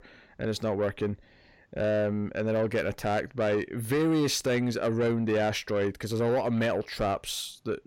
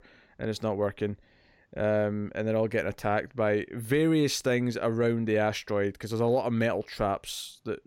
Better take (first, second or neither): second